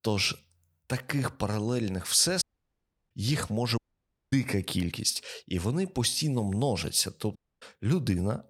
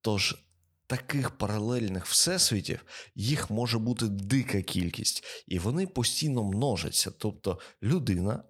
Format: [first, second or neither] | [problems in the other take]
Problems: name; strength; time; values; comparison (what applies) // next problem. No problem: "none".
second | audio cutting out; at 2.5 s for 0.5 s, at 4 s for 0.5 s and at 7.5 s